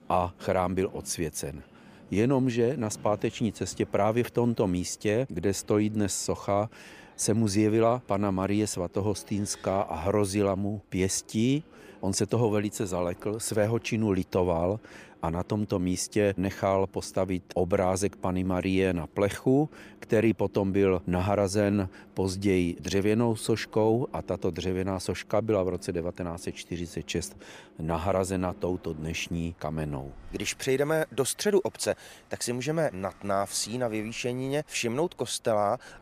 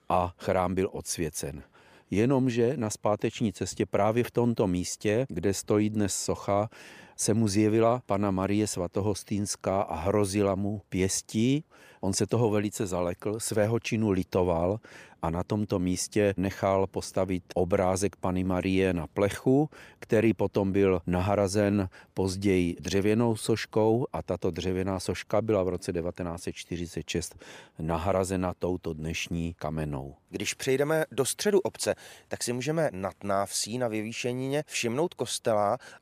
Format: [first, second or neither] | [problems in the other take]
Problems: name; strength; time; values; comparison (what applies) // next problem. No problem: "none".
second | train or aircraft noise; faint; throughout; 25 dB below the speech